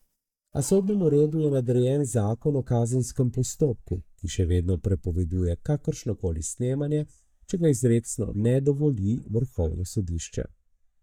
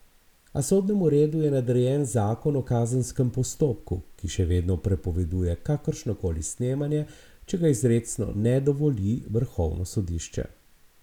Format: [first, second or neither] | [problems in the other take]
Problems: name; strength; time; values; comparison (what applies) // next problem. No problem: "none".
second | noise reduction (neural mask model DeepFilterNet 3)